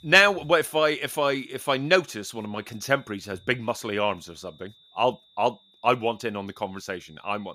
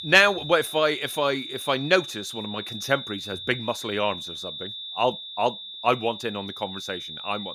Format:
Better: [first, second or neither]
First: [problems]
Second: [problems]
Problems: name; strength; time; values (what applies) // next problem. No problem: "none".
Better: first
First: high-pitched whine; faint; throughout; 3.5 kHz, 30 dB below the speech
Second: high-pitched whine; loud; throughout; 3.5 kHz, 9 dB below the speech